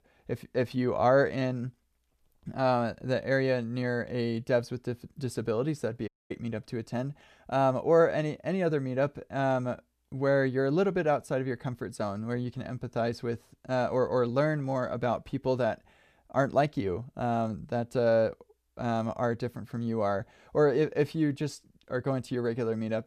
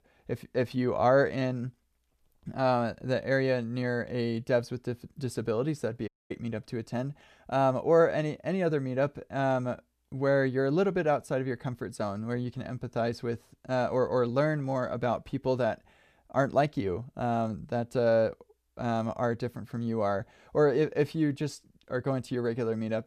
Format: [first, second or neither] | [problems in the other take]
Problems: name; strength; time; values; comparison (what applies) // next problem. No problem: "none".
neither | audio cutting out; at 6 s; the same in both